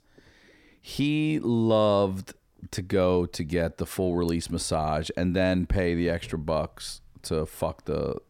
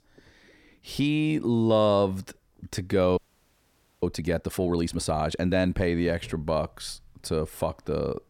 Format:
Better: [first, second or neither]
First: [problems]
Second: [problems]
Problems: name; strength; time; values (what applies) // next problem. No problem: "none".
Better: first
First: none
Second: audio freezing; at 3 s for 1 s